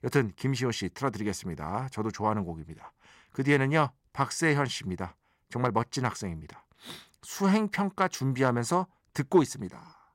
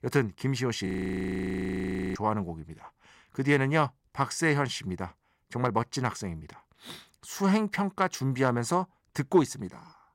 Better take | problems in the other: first | audio freezing; at 1 s for 1.5 s

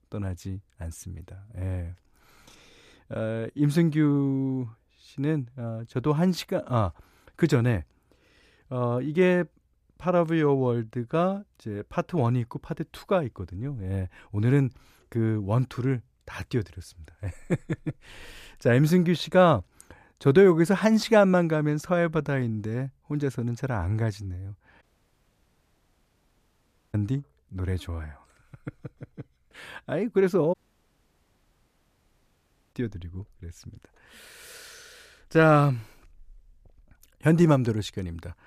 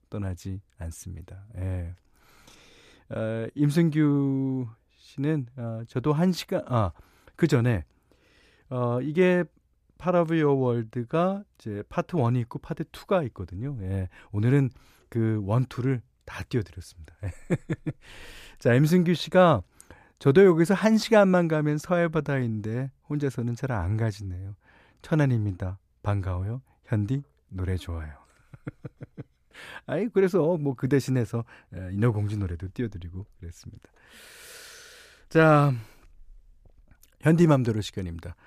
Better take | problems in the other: second | audio cutting out; at 25 s for 2 s and at 31 s for 2 s

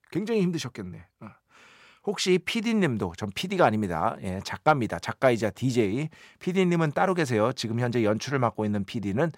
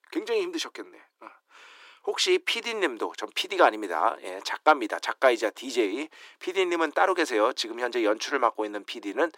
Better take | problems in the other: first | thin; very; fading below 300 Hz

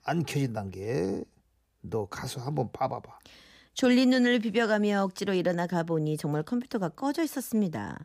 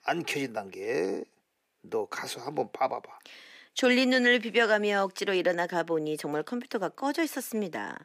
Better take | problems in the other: first | thin; somewhat; fading below 350 Hz

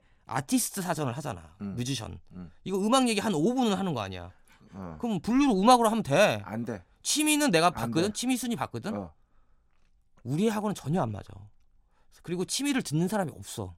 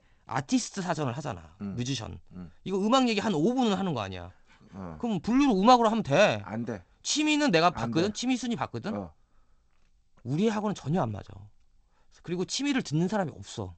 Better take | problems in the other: first | garbled, watery; slightly; nothing above 8 kHz

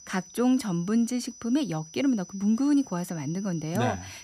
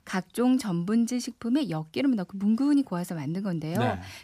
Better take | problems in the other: second | high-pitched whine; noticeable; throughout; 6 kHz, 20 dB below the speech

